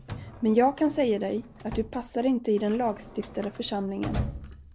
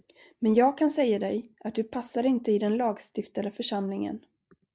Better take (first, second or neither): second